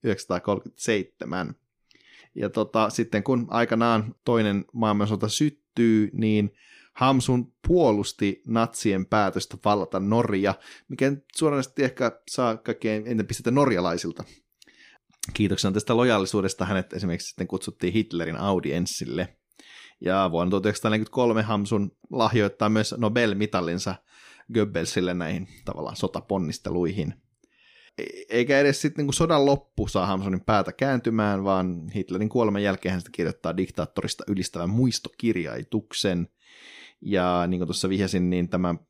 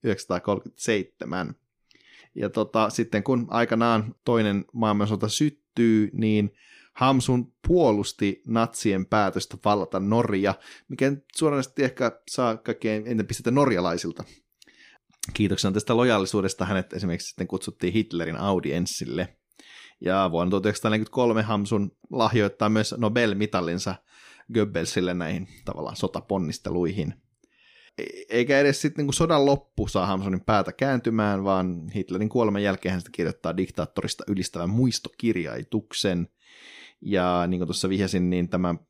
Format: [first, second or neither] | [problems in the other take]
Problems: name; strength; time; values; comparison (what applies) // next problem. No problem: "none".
neither | none